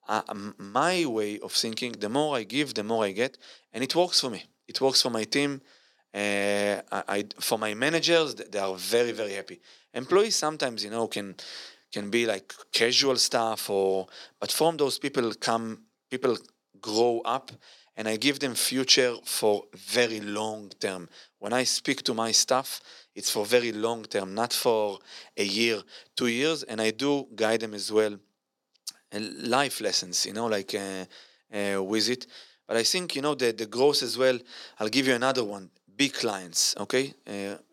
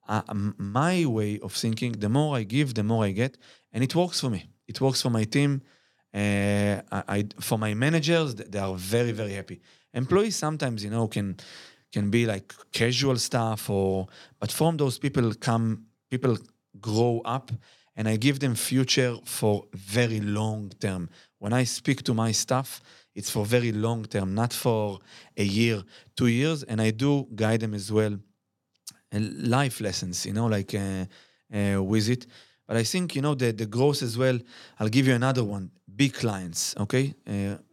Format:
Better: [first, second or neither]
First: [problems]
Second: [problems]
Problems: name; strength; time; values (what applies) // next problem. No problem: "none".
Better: second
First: thin; somewhat; fading below 400 Hz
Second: none